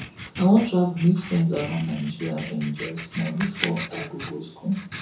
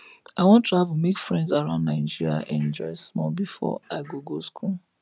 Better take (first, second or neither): second